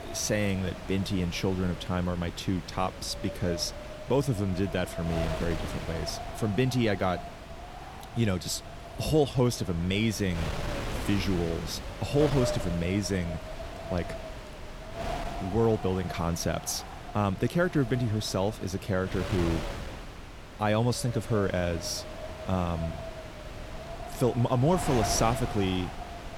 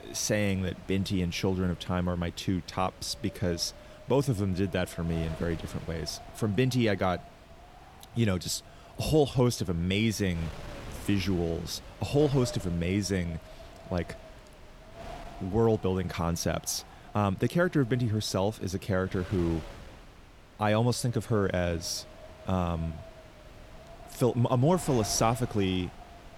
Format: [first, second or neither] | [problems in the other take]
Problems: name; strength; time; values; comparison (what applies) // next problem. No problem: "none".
second | wind noise on the microphone; heavy; 7 dB below the speech; occasional gusts in the second